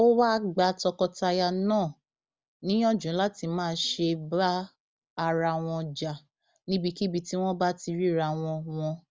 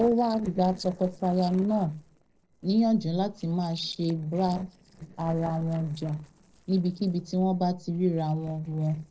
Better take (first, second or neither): first